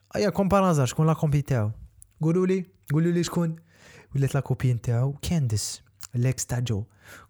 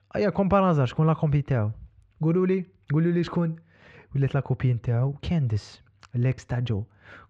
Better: first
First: none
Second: muffled; slightly; fading above 3.5 kHz

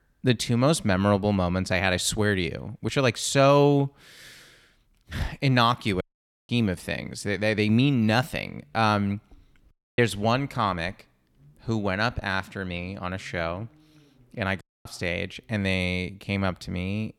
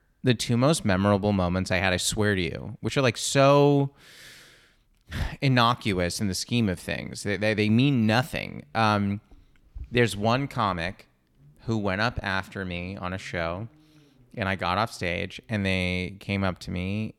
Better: second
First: audio cutting out; at 6 s, at 9.5 s and at 15 s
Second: none

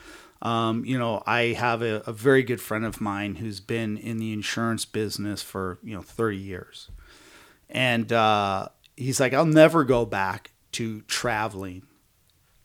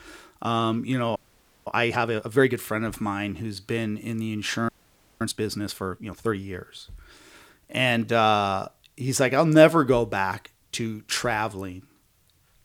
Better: first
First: none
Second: audio freezing; at 1 s for 0.5 s and at 4.5 s for 0.5 s

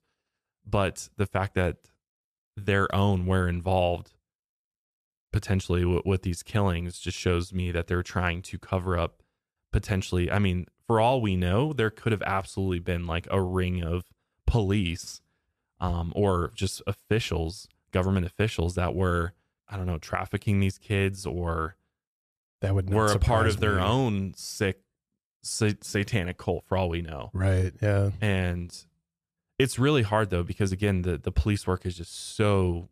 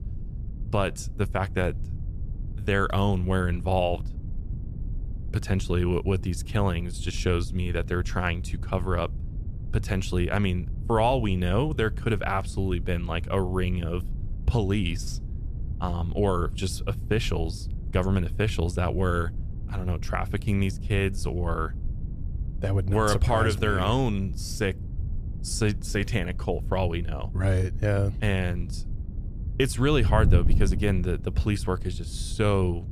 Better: first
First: none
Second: wind noise on the microphone; occasional gusts; 20 dB below the speech

